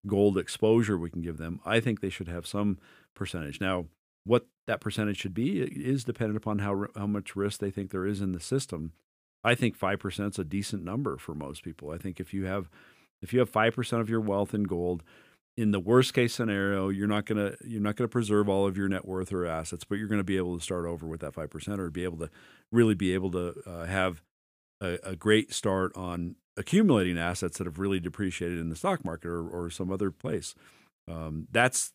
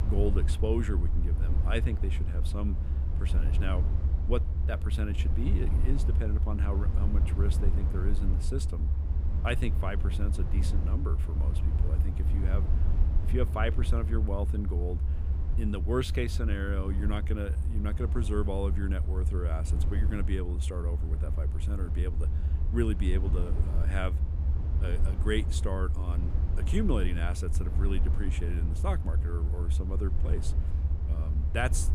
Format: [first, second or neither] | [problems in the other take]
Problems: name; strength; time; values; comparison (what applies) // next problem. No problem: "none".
first | low rumble; loud; throughout; 8 dB below the speech